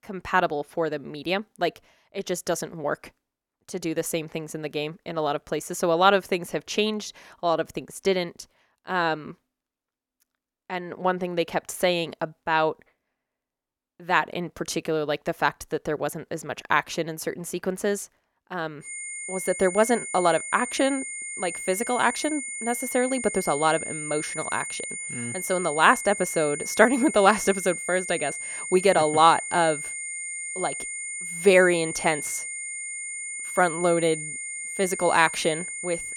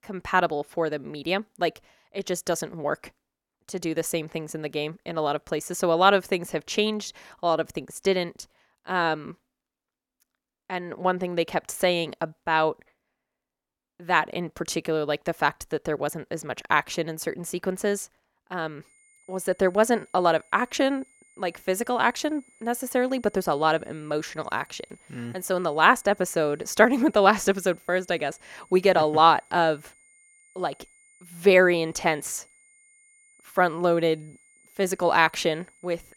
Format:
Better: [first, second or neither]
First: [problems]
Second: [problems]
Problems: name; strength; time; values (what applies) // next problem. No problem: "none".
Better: second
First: high-pitched whine; loud; from 19 s on; 2 kHz, 6 dB below the speech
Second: high-pitched whine; faint; from 19 s on; 2 kHz, 30 dB below the speech